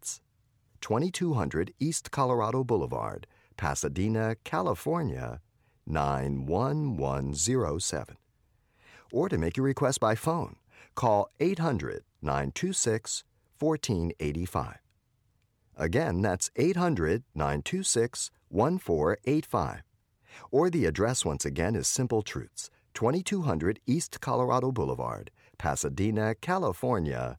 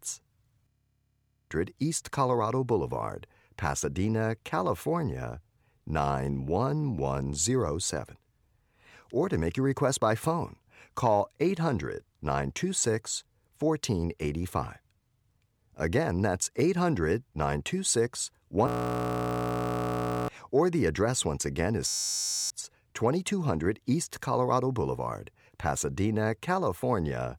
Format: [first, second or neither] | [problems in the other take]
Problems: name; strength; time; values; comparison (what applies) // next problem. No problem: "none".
first | audio freezing; at 0.5 s for 1 s, at 19 s for 1.5 s and at 22 s for 0.5 s